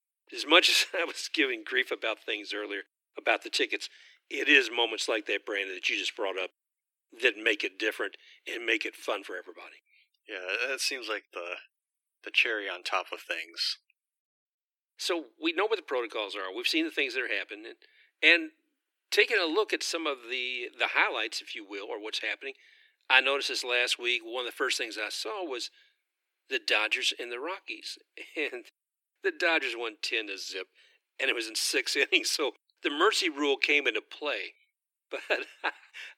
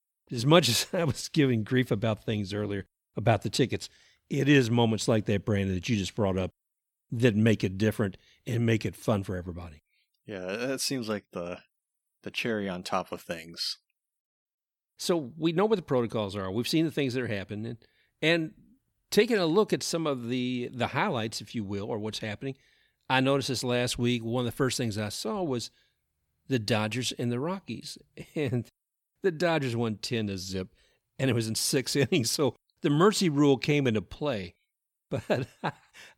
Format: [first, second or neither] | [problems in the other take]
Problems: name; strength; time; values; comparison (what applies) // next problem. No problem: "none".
second | thin; very; fading below 300 Hz